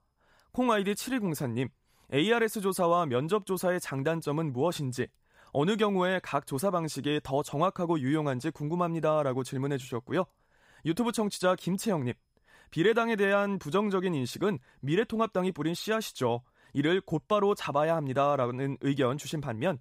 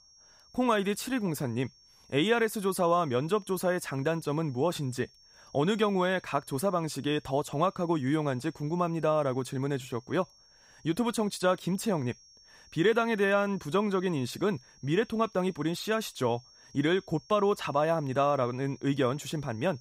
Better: first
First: none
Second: high-pitched whine; faint; throughout; 5.5 kHz, 25 dB below the speech

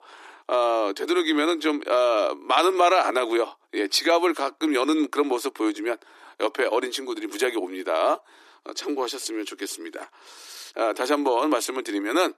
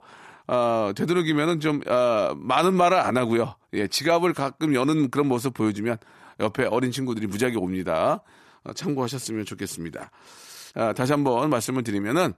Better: second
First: thin; somewhat; fading below 300 Hz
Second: none

